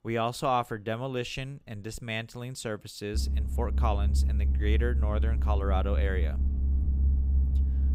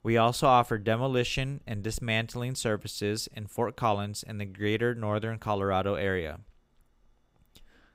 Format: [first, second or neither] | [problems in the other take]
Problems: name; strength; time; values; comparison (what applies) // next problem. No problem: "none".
second | low rumble; noticeable; from 3 s on; 10 dB below the speech